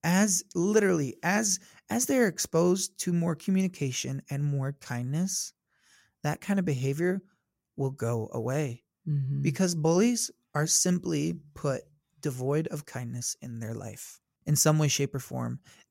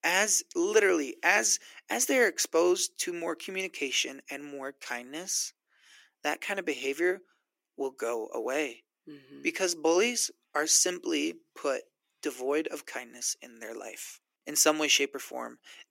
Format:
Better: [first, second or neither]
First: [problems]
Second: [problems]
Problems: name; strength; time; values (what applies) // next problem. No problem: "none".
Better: first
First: none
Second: thin; very; fading below 300 Hz